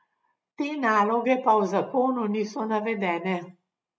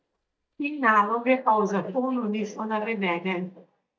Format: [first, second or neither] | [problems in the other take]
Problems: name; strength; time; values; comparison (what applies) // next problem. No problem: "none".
first | noise reduction (neural mask model DeepFilterNet 3)